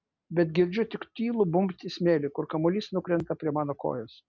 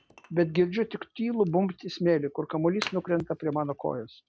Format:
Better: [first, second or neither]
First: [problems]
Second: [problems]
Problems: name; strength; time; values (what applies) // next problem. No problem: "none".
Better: first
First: none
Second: background sound (Wood); 19 dB below the speech